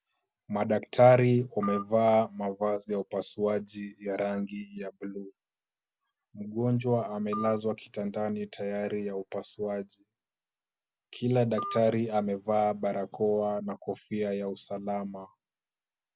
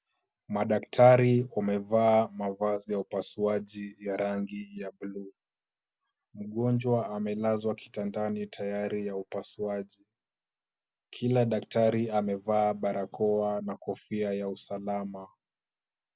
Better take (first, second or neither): second